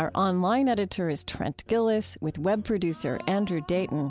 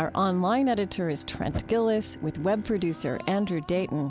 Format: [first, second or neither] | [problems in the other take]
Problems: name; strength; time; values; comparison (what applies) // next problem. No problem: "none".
first | background sound (Bowed string instrument + Fire); 15 dB below the speech